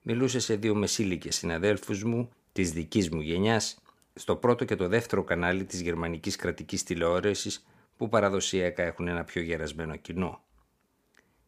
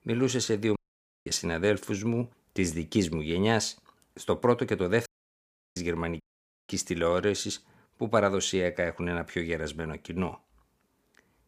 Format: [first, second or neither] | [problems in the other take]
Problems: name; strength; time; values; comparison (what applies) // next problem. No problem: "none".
first | audio cutting out; at 1 s for 0.5 s, at 5 s for 0.5 s and at 6 s